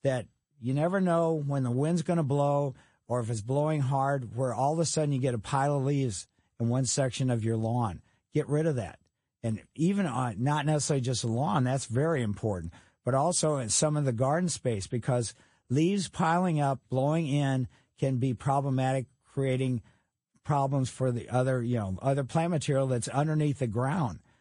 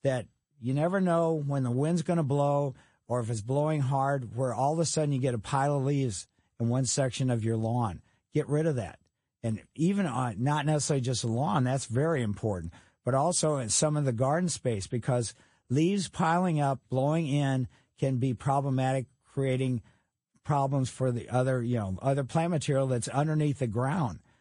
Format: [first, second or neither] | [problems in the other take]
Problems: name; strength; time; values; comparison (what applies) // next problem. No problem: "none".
neither | garbled, watery; slightly; nothing above 10 kHz; the same in both